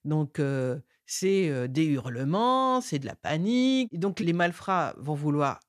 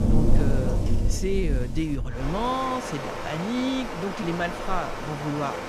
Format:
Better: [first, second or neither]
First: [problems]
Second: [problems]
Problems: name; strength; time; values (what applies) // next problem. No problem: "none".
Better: first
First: none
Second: rain or running water; very loud; throughout; as loud as the speech